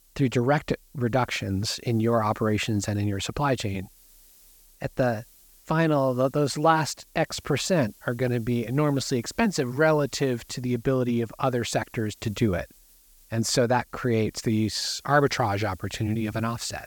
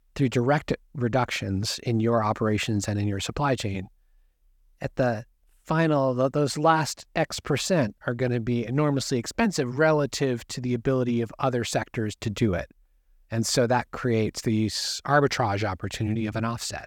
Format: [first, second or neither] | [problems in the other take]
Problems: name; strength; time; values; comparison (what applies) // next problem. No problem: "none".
second | hiss; faint; throughout; 25 dB below the speech